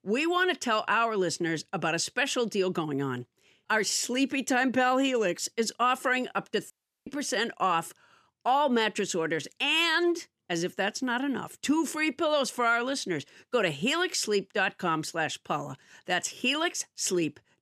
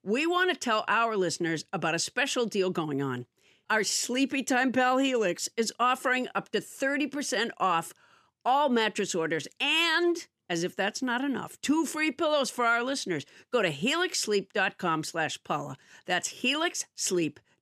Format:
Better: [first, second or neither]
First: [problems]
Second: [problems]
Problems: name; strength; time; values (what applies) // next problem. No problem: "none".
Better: second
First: audio cutting out; at 6.5 s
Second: none